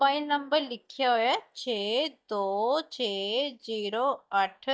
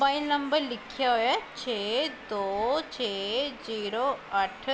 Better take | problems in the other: second | noise reduction (neural mask model DeepFilterNet 3)

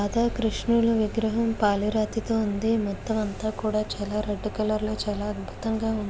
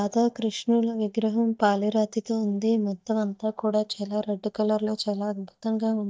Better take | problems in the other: first | noise reduction (neural mask model DeepFilterNet 3)

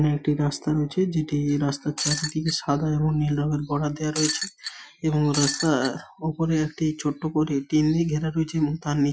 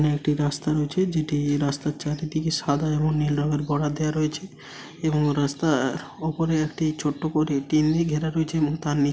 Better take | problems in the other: second | noise reduction (classical method Wiener filter)

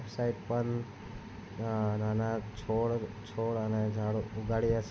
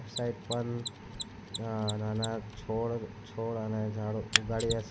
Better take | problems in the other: first | background sound (Mechanisms); 5 dB below the speech

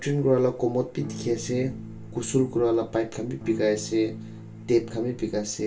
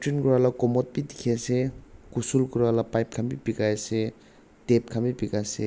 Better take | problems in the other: second | background sound (Electric guitar / Strum); 13 dB below the speech // room echo; dies away in 0.2 s

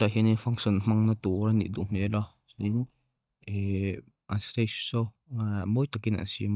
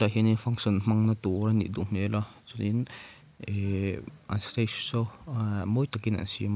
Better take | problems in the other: second | noise reduction (neural mask model DeepFilterNet 3)

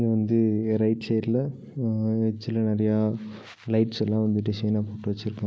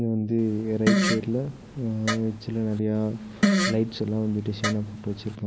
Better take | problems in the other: first | background sound (Fart); 2 dB below the speech

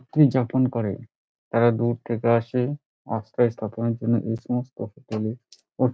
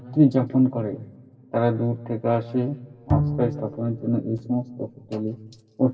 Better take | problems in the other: first | background sound (Bowed string instrument); 5 dB below the speech // room echo; dies away in 2 s

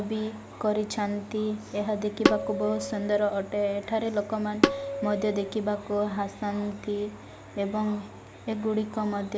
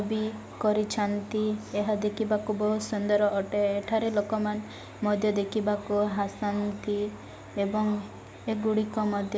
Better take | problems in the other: second | background sound (Tabla); 1 dB above the speech

